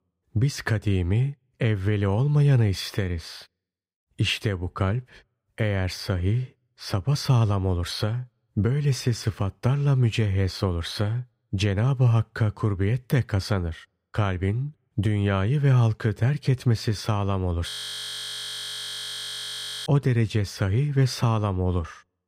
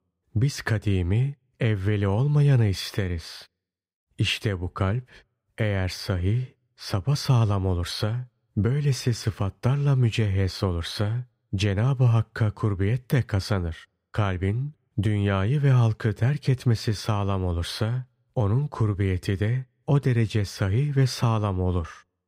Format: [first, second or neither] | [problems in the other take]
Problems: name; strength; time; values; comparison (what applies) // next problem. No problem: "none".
second | audio freezing; at 18 s for 2 s